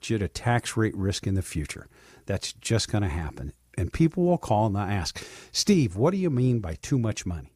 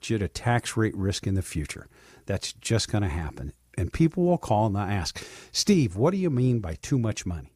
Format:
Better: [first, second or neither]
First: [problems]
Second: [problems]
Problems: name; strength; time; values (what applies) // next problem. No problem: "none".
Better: neither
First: none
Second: none